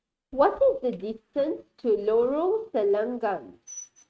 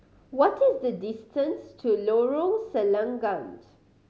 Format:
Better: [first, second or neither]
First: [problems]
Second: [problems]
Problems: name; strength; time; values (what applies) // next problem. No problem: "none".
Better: second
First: noise reduction (neural mask model RNNoise)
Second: none